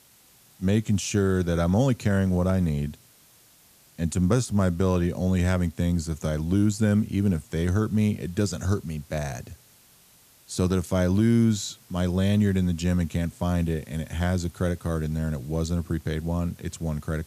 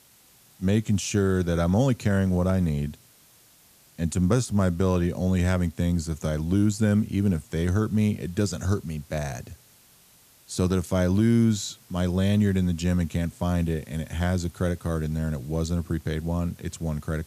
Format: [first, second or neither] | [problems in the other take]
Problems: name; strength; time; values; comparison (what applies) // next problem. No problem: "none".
neither | hiss; faint; throughout; 30 dB below the speech; the same in both